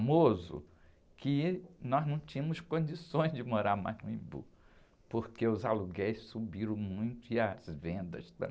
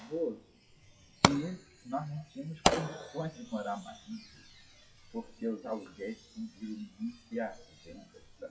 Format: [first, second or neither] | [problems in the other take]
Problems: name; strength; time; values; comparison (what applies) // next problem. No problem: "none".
first | noise reduction (classical method WPE with log-MMSE)